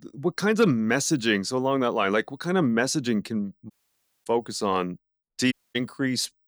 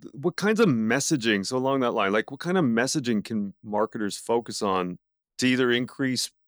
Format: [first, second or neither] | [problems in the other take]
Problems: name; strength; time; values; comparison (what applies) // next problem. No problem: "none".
second | audio cutting out; at 3.5 s for 0.5 s and at 5.5 s